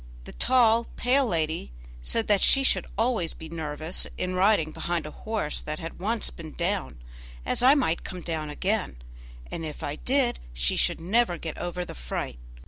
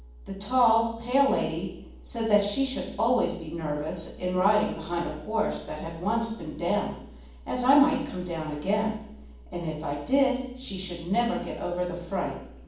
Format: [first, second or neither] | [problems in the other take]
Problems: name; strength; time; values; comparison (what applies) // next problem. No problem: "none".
first | room echo; dies away in 1.2 s